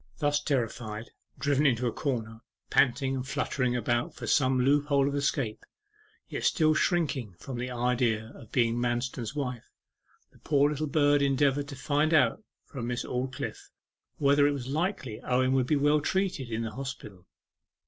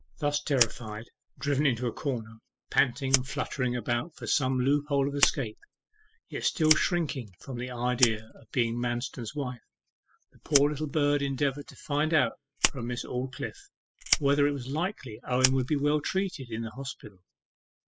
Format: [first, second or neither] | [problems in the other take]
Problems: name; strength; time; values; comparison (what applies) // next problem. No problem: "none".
first | noise reduction (classical method spectral subtraction)